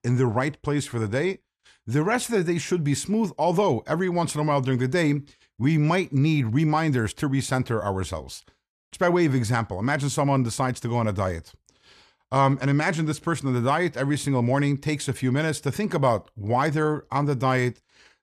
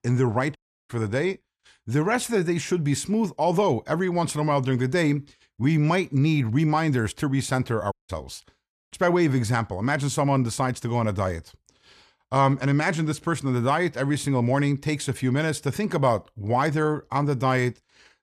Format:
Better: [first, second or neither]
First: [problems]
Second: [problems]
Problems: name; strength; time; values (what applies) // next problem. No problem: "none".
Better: first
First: none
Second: audio cutting out; at 0.5 s and at 8 s